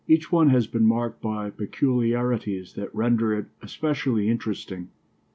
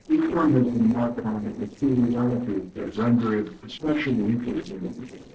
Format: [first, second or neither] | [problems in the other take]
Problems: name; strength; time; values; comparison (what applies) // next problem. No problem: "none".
first | noise reduction (neural separator model SepFormer DNS4)